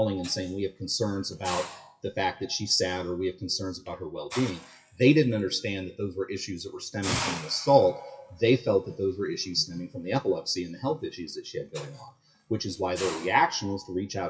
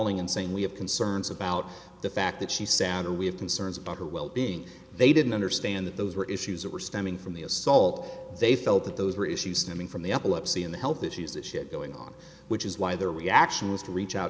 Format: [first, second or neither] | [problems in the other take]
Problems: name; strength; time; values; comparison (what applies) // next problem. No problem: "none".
second | noise reduction (classical method WPE with log-MMSE)